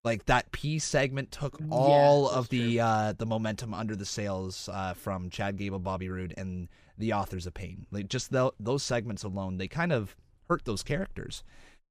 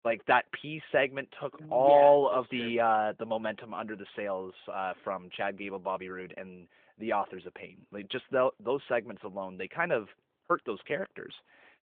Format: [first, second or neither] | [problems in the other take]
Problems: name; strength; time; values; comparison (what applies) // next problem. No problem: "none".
first | phone-call audio